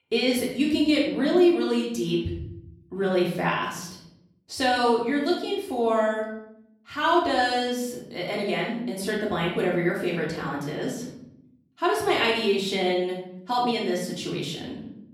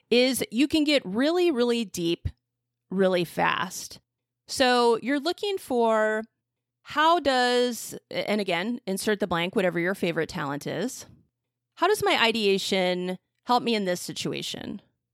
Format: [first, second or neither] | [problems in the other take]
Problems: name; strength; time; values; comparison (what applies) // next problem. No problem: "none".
second | off-mic speech; far // room echo; noticeable; dies away in 0.8 s